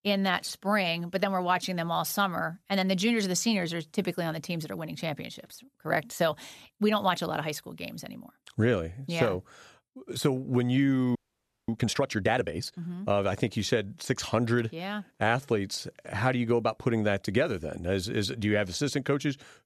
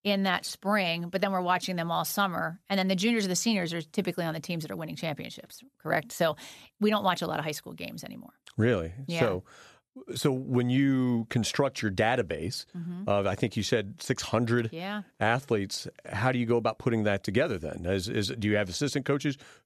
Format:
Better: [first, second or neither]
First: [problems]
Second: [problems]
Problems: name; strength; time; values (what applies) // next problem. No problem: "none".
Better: second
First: audio freezing; at 11 s for 0.5 s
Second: none